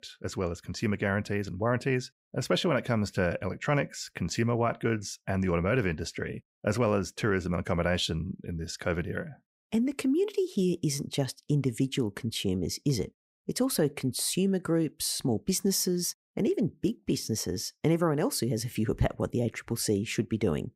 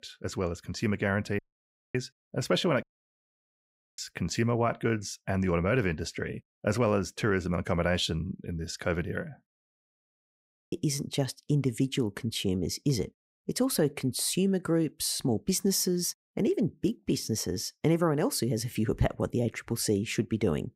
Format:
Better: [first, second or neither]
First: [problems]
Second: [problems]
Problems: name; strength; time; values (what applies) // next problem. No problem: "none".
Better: first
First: none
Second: audio cutting out; at 1.5 s for 0.5 s, at 3 s for 1 s and at 9.5 s for 1 s